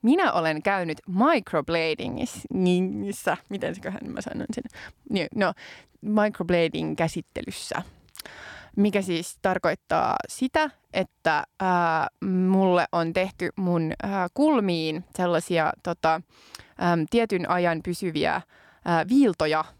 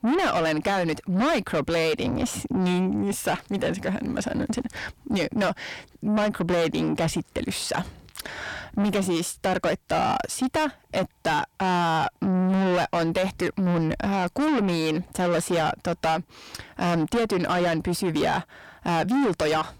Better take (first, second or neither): first